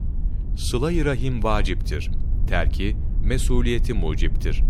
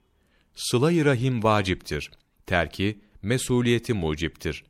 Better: second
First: low rumble; noticeable; throughout; 15 dB below the speech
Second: none

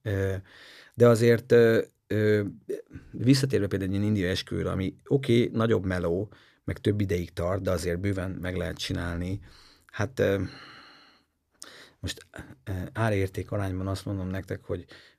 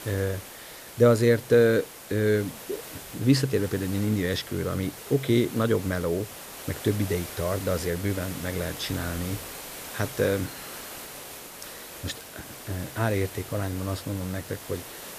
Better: first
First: none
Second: hiss; noticeable; throughout; 10 dB below the speech

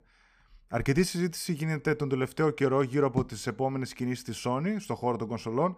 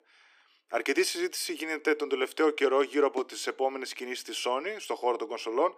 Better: first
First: none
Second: thin; somewhat; fading below 300 Hz

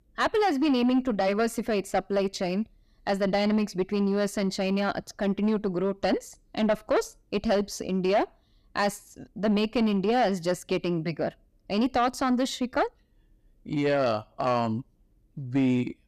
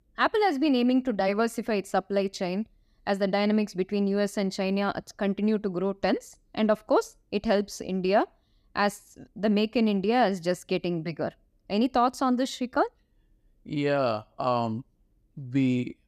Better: second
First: distortion; slight; 9 dB below the speech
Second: none

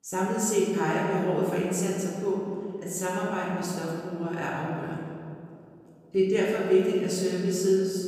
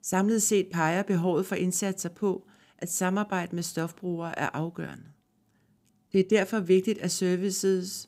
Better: second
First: off-mic speech; far // room echo; noticeable; dies away in 2.2 s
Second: none

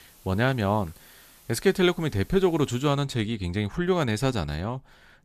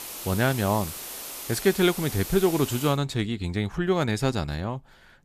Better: first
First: hiss; faint; until 3 s; 25 dB below the speech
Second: hiss; loud; until 3 s; 9 dB below the speech

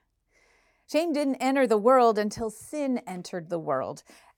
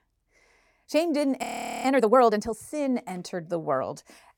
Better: first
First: none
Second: audio freezing; at 1.5 s

